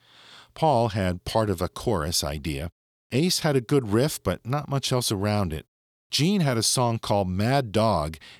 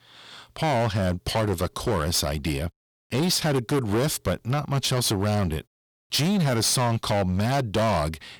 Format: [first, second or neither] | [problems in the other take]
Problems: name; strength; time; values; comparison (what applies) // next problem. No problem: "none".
first | distortion; heavy; 18% of the sound clipped